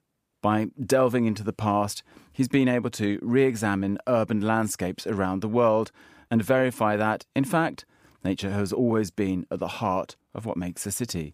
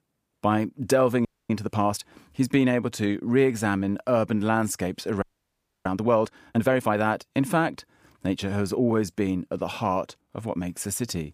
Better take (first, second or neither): first